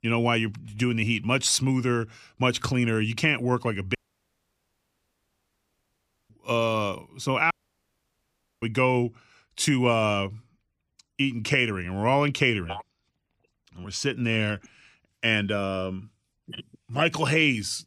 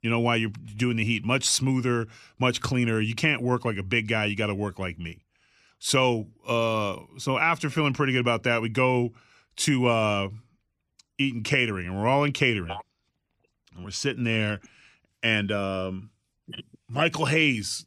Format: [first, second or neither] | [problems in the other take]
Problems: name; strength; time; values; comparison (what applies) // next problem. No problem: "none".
second | audio cutting out; at 4 s for 2.5 s and at 7.5 s for 1 s